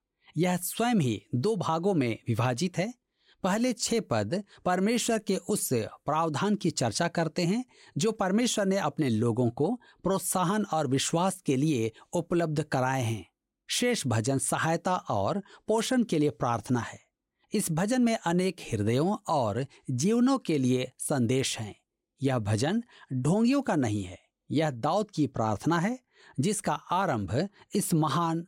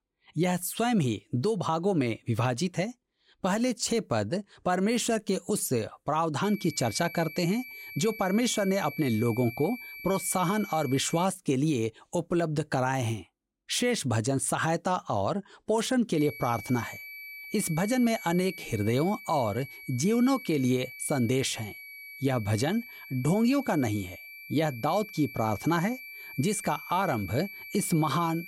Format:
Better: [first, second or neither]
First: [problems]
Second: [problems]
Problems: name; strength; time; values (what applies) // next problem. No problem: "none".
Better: first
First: none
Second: high-pitched whine; noticeable; from 6.5 to 11 s and from 16 s on; 2.5 kHz, 15 dB below the speech